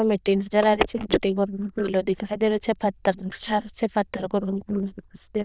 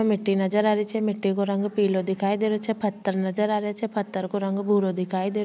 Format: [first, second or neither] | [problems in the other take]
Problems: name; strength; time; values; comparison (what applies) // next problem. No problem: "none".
second | noise reduction (neural diffusion model UNIVERSE++)